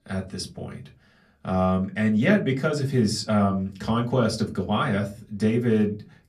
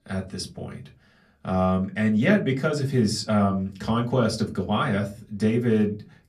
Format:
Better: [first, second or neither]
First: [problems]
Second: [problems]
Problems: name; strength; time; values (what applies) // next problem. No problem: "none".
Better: neither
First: off-mic speech; far // room echo; very slight; dies away in 0.3 s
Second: off-mic speech; far // room echo; very slight; dies away in 0.3 s